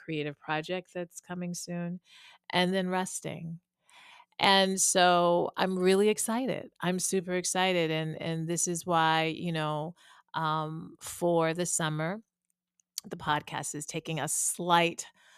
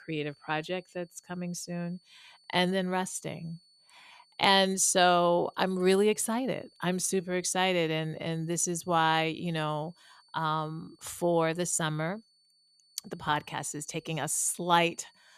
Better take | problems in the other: first | high-pitched whine; faint; throughout; 4.5 kHz, 35 dB below the speech

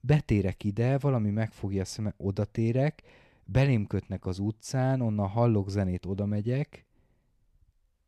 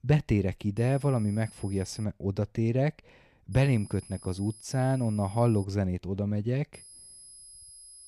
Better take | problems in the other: first | high-pitched whine; noticeable; from 1 to 2 s, from 3.5 to 5.5 s and from 6.5 s on; 10.5 kHz, 20 dB below the speech

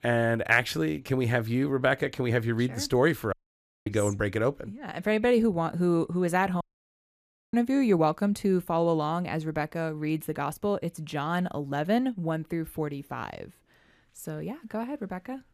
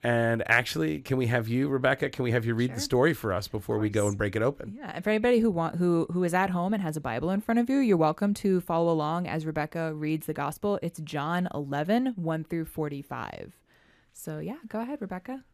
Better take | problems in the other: second | audio cutting out; at 3.5 s for 0.5 s and at 6.5 s for 1 s

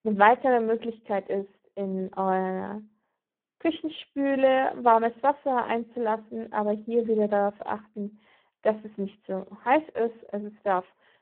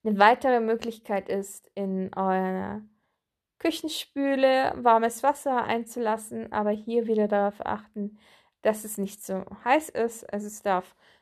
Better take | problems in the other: second | phone-call audio; poor line

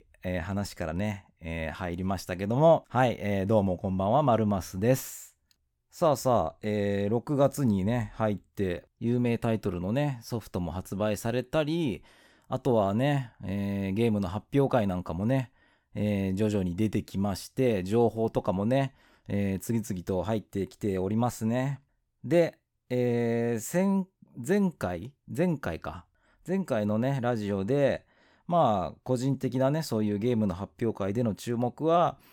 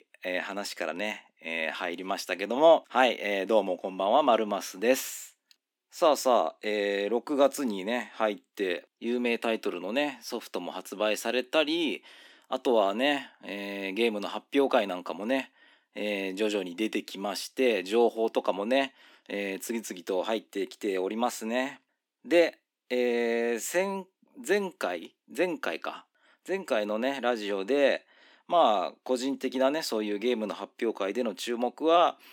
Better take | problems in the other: first | thin; somewhat; fading below 250 Hz

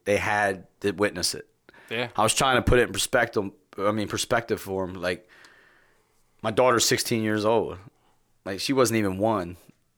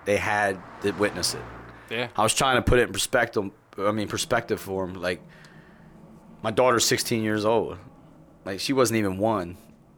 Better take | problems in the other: first | traffic noise; faint; throughout; 20 dB below the speech

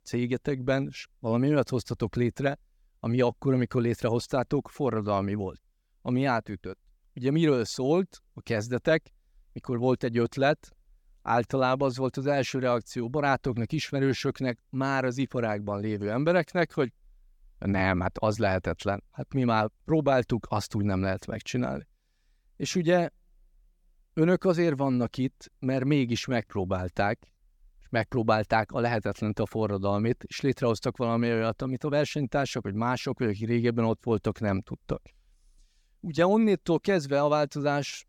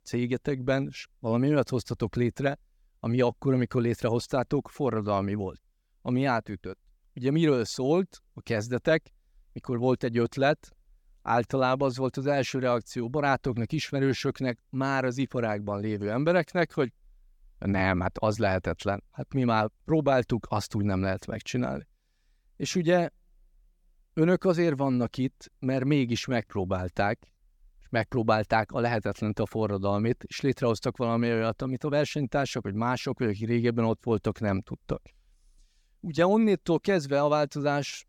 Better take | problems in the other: neither | none

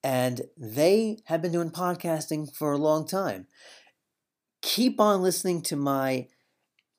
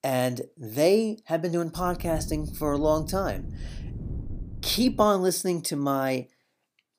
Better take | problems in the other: first | wind noise on the microphone; occasional gusts; from 2 to 5 s; 25 dB below the speech

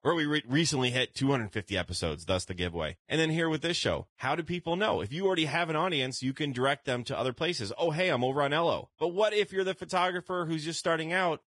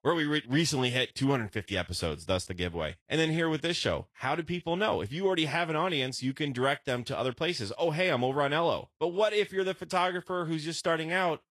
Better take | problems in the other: second | garbled, watery; badly; nothing above 10 kHz; slightly in the second

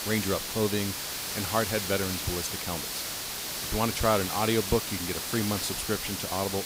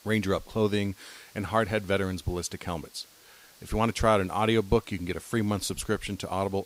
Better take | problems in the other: second | hiss; loud; throughout; 1 dB below the speech; faint in the second

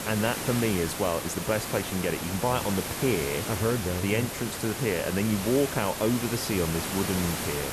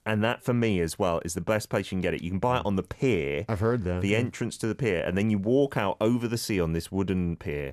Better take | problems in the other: second | hiss; loud; throughout; 4 dB below the speech

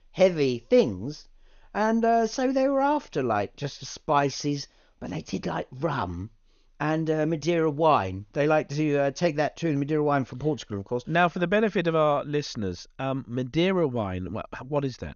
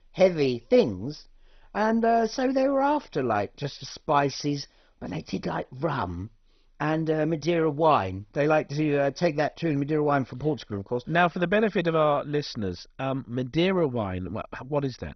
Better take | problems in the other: first | garbled, watery; badly; nothing above 6 kHz; slightly in the first

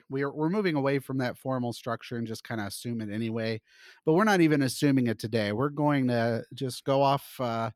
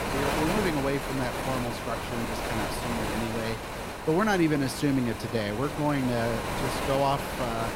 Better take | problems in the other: first | wind noise on the microphone; heavy; 1 dB below the speech

